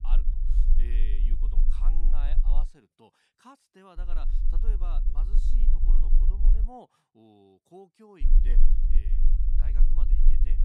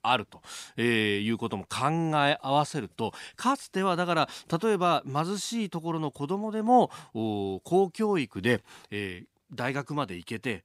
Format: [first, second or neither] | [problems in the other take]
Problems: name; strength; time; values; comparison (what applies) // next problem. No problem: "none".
second | low rumble; loud; until 2.5 s, from 4 to 6.5 s and from 8 s on; 3 dB below the speech